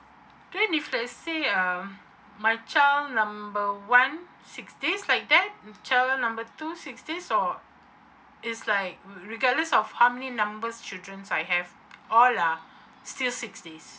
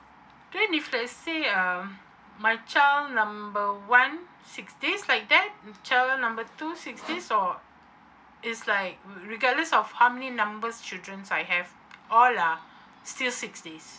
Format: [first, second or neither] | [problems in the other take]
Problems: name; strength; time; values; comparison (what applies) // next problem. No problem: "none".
first | background sound (Sawing); 20 dB below the speech